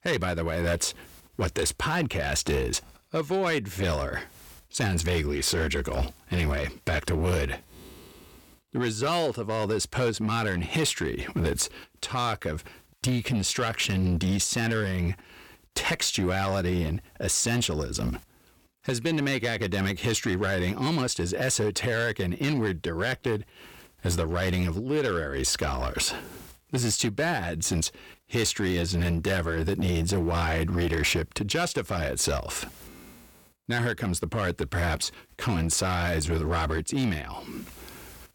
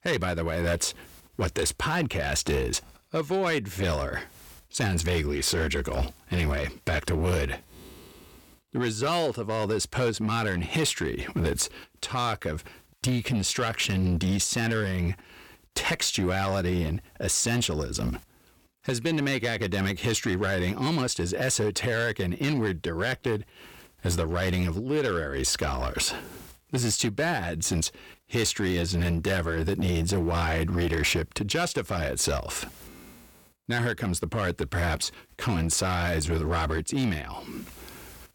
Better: neither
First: distortion; slight; 8% of the sound clipped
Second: distortion; slight; 8% of the sound clipped

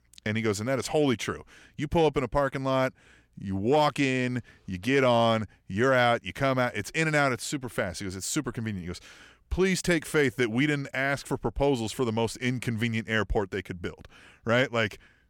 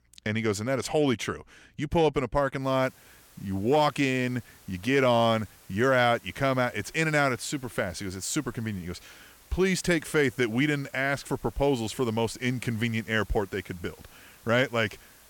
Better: first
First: none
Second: hiss; faint; from 2.5 s on; 25 dB below the speech

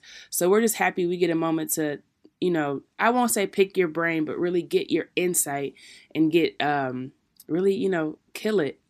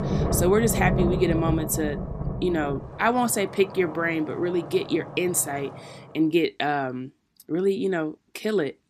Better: first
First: none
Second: rain or running water; loud; until 6 s; 5 dB below the speech

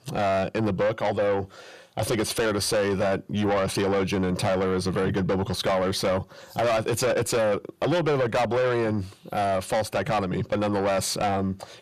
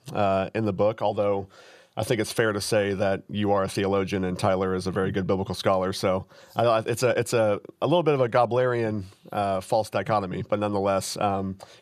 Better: second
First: distortion; heavy; 7 dB below the speech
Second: none

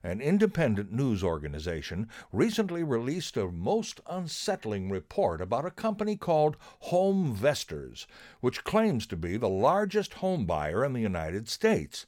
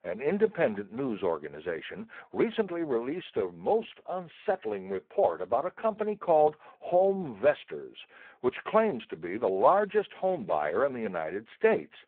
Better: first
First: none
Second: phone-call audio; poor line

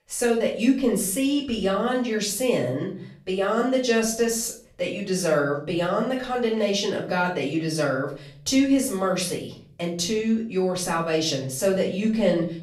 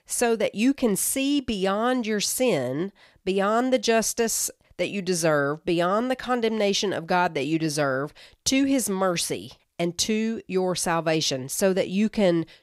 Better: second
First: off-mic speech; far // room echo; slight; dies away in 0.5 s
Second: none

